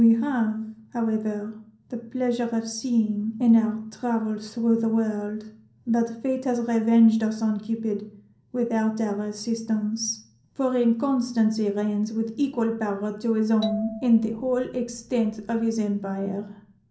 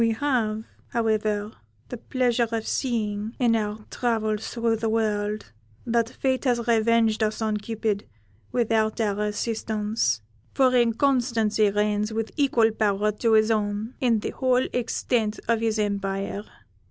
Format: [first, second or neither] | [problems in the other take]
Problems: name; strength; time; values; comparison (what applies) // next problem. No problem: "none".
second | background sound (Marimba, xylophone); 15 dB below the speech // room echo; dies away in 0.6 s